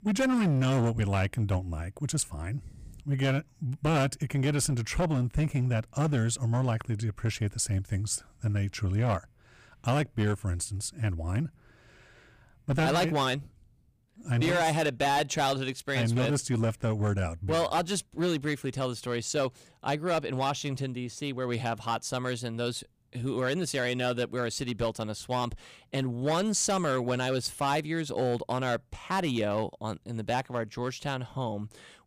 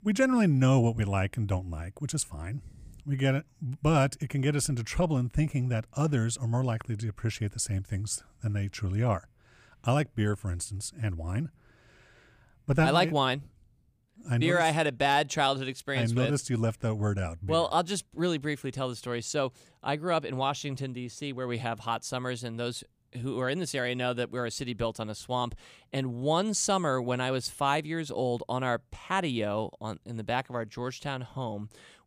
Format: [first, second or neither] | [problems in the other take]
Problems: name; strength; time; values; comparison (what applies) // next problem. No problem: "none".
second | distortion; slight; 8% of the sound clipped